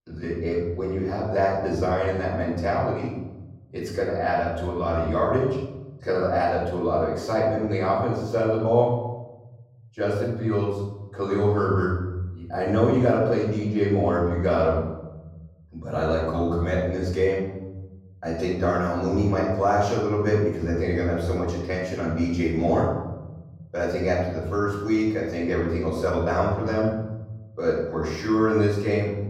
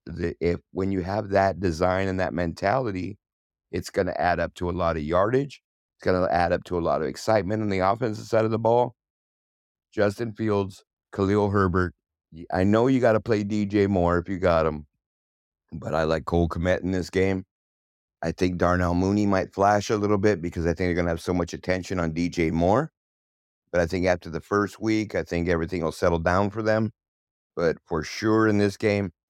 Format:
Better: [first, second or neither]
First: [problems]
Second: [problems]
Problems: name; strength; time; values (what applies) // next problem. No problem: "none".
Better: second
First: off-mic speech; far // room echo; noticeable; dies away in 1.2 s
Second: none